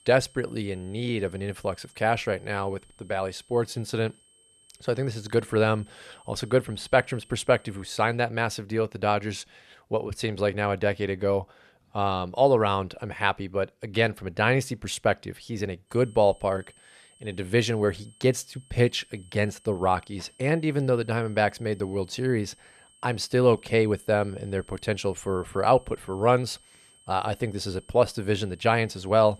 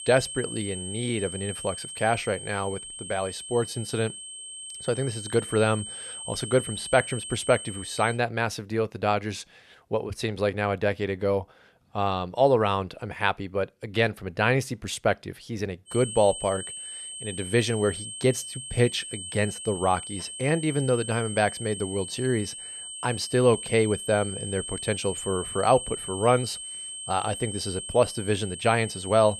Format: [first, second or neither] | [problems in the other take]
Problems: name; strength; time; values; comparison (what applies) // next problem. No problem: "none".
first | high-pitched whine; loud; until 8 s and from 16 s on; 8.5 kHz, 8 dB below the speech; faint in the first